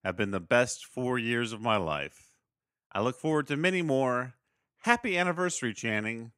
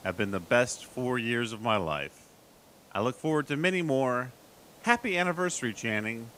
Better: first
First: none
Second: hiss; faint; throughout; 25 dB below the speech

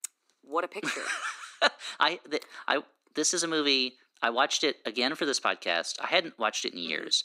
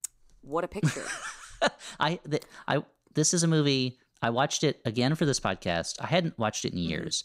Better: second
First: thin; somewhat; fading below 250 Hz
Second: none

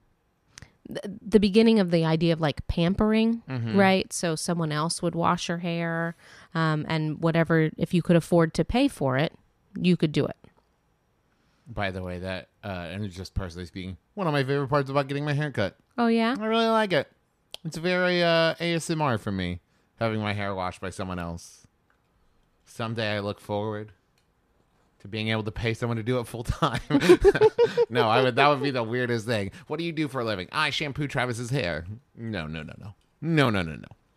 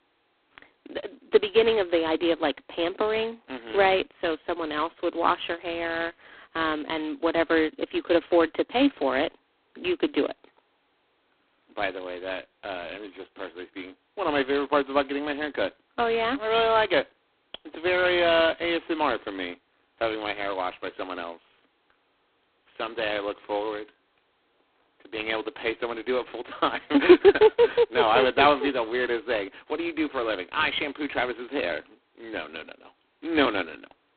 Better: first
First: none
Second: phone-call audio; poor line; nothing above 4 kHz

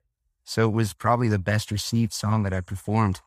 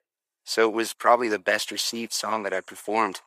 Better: first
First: none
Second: thin; very; fading below 350 Hz

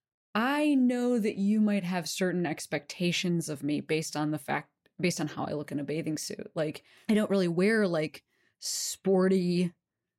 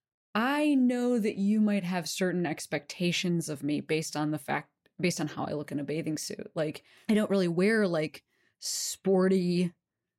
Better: neither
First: none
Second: none

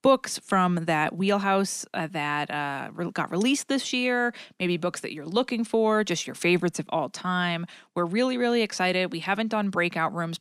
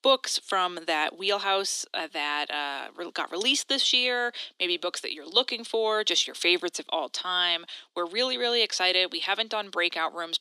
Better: first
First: none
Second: thin; somewhat; fading below 300 Hz

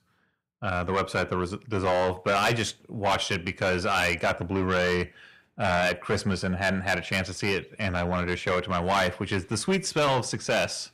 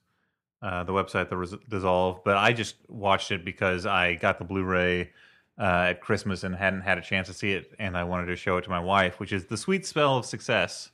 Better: second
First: distortion; heavy; 6 dB below the speech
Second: none

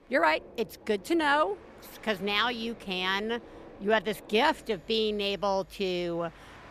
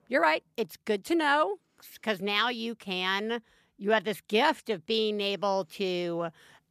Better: second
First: train or aircraft noise; faint; throughout; 20 dB below the speech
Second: none

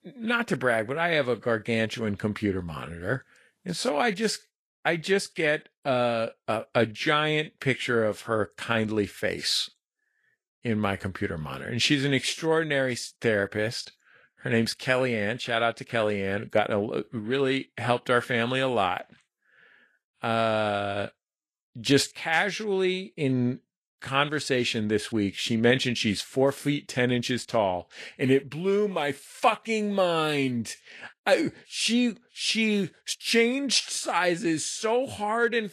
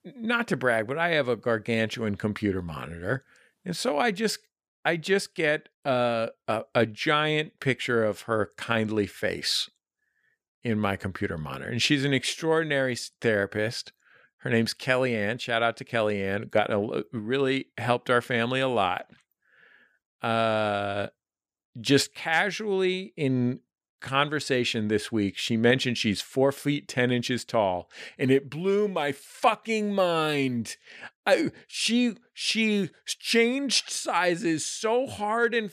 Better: second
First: garbled, watery; slightly; nothing above 12.5 kHz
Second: none

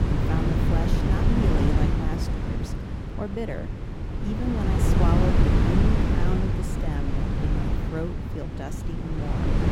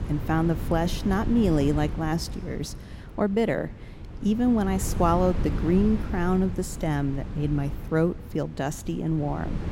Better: second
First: wind noise on the microphone; heavy; 3 dB above the speech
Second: wind noise on the microphone; occasional gusts; 15 dB below the speech

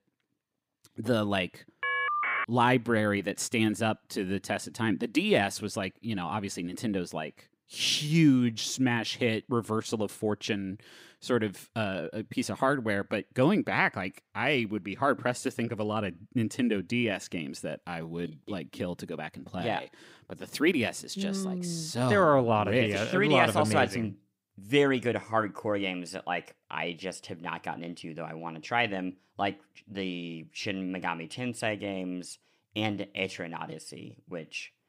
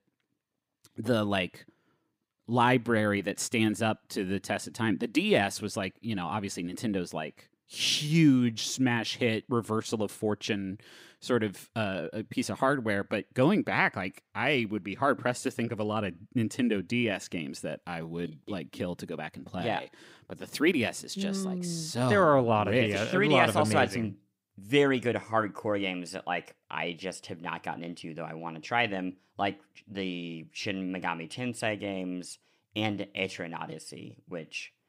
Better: second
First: phone ringing; loud; at 2 s; peak 2 dB above the speech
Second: none

